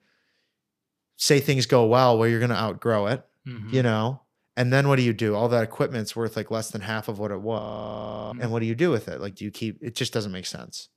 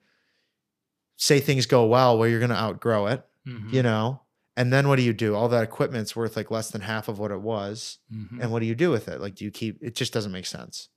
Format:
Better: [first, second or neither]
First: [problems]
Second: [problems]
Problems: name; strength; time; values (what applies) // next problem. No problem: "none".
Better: second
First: audio freezing; at 7.5 s for 0.5 s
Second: none